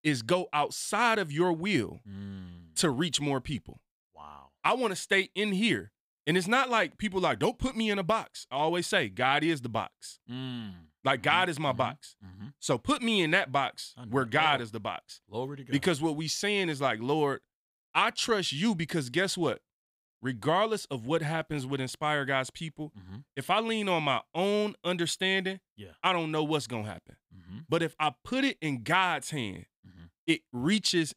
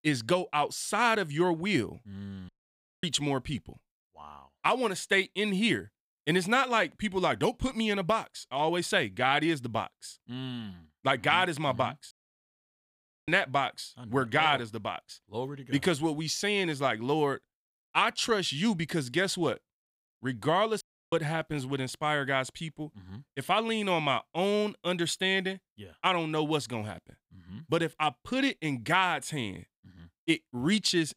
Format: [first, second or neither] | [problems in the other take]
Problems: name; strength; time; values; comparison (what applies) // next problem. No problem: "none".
first | audio cutting out; at 2.5 s for 0.5 s, at 12 s for 1 s and at 21 s